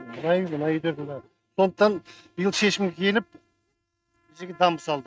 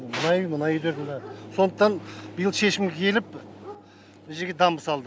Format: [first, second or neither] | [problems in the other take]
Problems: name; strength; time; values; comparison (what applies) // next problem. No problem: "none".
second | noise reduction (neural mask model RNNoise)